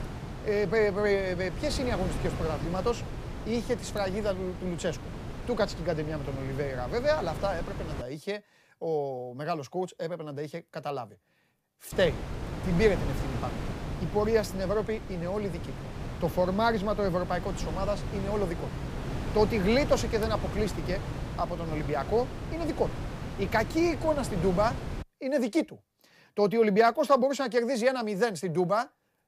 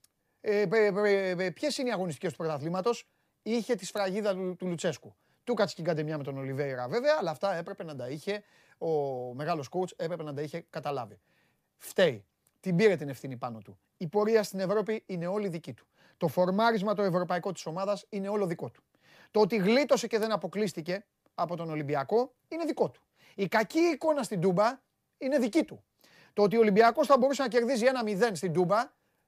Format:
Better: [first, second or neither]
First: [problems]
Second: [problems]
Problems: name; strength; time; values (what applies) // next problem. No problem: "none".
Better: second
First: wind noise on the microphone; occasional gusts; until 8 s and from 12 to 25 s; 10 dB below the speech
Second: none